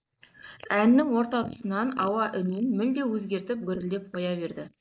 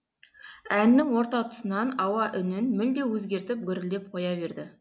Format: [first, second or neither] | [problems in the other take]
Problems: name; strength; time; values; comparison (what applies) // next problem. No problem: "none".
second | noise reduction (neural mask model Resemble Enhance denoiser)